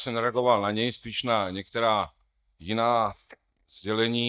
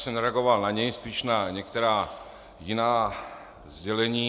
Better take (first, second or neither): second